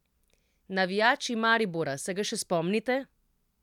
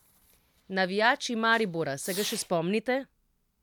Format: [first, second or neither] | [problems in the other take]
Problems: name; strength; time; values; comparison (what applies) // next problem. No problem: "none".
first | background sound (Fireworks); 17 dB below the speech